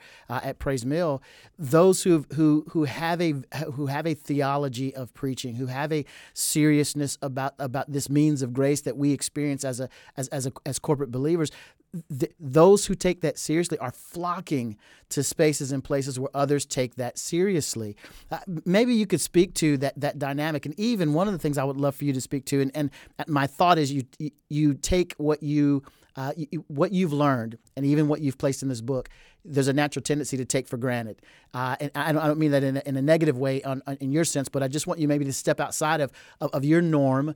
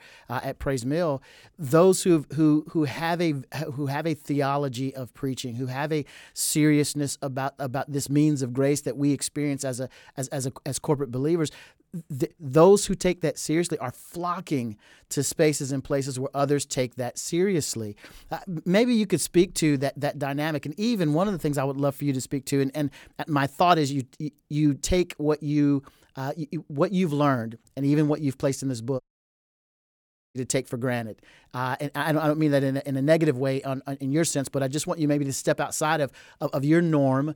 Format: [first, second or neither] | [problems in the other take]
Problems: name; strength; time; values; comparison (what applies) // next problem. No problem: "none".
first | audio cutting out; at 29 s for 1.5 s